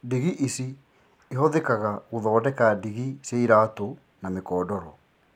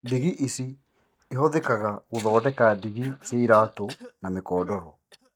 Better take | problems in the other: first | noise reduction (neural mask model DeepFilterNet 3)

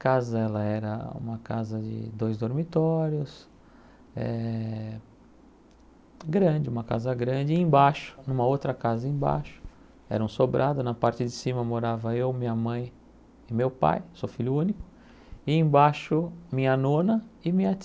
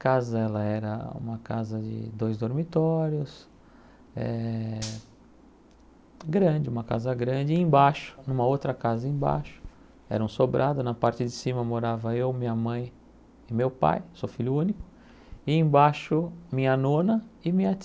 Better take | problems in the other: first | background sound (Gunshot, gunfire); 19 dB below the speech

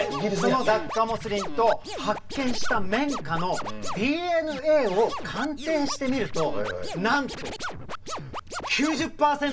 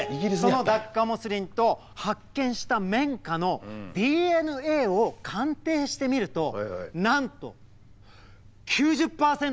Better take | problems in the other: second | background sound (Scratching (performance technique)); 11 dB below the speech // room echo; dies away in 0.1 s

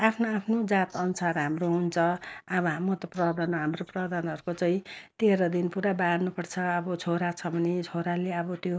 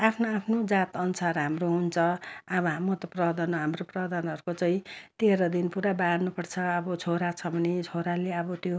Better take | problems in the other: second | noise reduction (neural mask model Resemble Enhance denoiser)

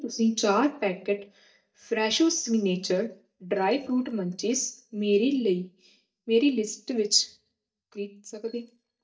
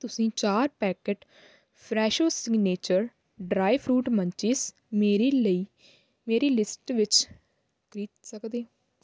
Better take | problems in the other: second | noise reduction (neural mask model DeepFilterNet 3)

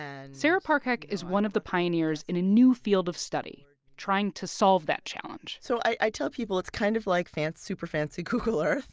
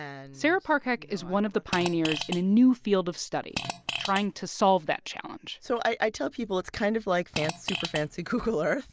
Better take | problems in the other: first | background sound (Fart); 8 dB below the speech

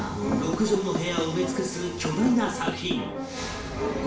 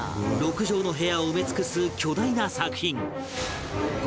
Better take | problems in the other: second | background sound (Knock / Wood); 7 dB below the speech // room echo; dies away in 0.6 s

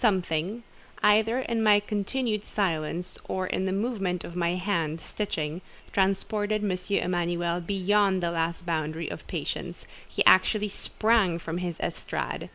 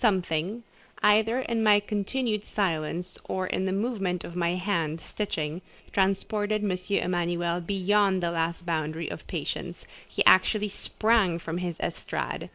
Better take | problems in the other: first | noise reduction (neural separator model SepFormer DNS4)

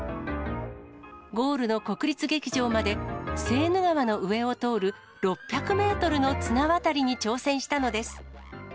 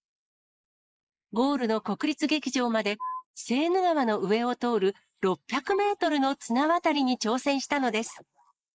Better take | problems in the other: first | noise reduction (neural mask model Resemble Enhance denoiser)

